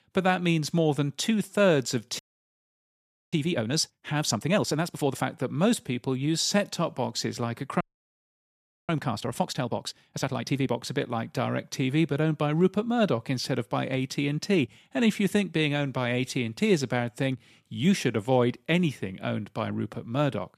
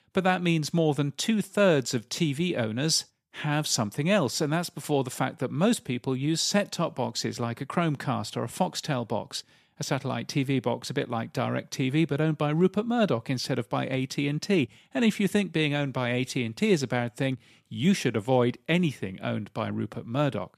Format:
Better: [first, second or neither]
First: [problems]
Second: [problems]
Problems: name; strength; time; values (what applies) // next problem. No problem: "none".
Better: second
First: audio freezing; at 2 s for 1 s and at 8 s for 1 s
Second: none